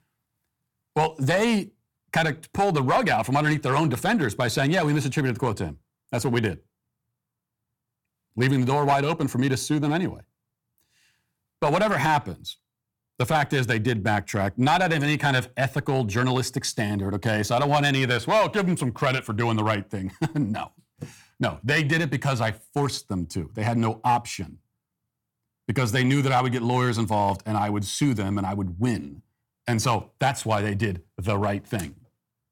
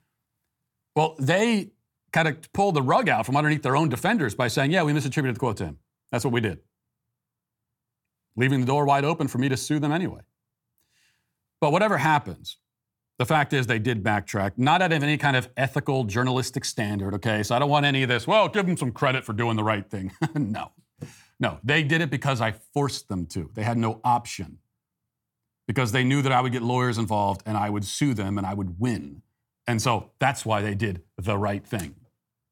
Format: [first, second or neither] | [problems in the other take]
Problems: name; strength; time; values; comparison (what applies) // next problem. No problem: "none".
second | distortion; slight; 3% of the sound clipped